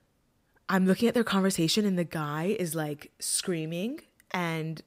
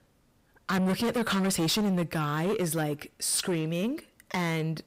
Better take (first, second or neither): first